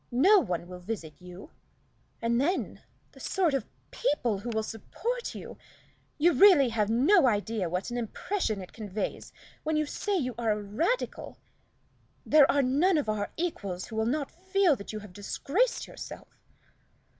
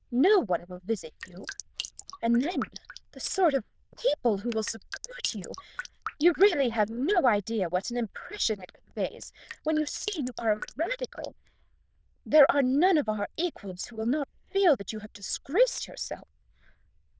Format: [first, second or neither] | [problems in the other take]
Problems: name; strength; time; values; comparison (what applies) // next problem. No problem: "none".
first | noise reduction (neural diffusion model UNIVERSE++)